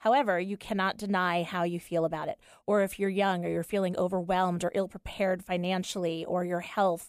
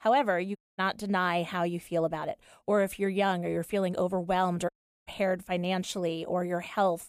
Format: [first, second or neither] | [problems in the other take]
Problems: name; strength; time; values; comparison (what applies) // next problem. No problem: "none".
first | audio cutting out; at 0.5 s and at 4.5 s